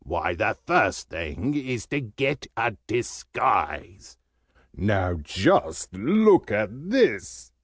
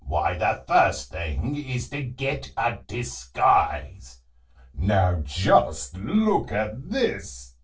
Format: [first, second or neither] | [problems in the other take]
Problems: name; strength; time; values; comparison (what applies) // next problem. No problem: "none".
first | room echo; dies away in 0.2 s